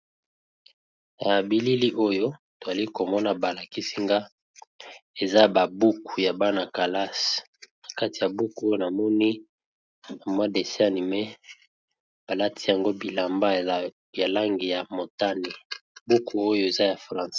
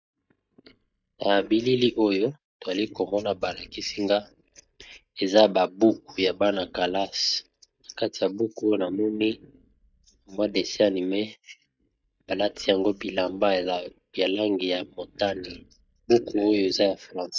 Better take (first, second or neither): first